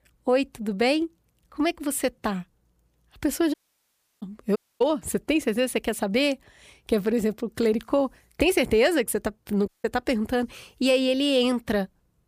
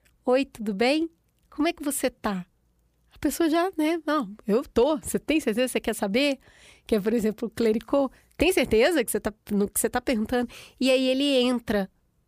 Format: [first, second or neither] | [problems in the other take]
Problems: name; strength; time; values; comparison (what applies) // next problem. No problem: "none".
second | audio cutting out; at 3.5 s for 0.5 s, at 4.5 s and at 9.5 s